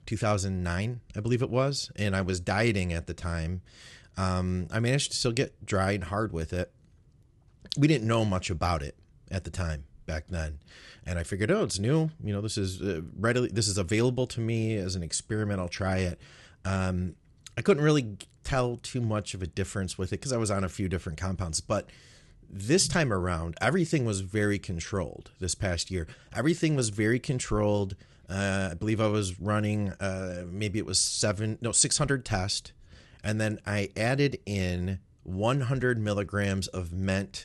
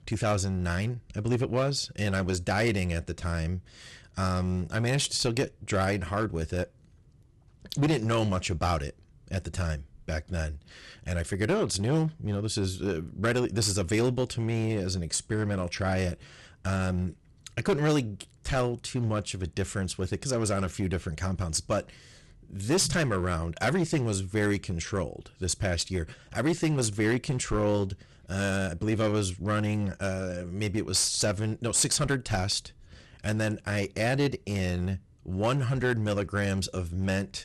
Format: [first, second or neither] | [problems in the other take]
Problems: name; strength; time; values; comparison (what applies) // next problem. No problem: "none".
first | distortion; slight; 6% of the sound clipped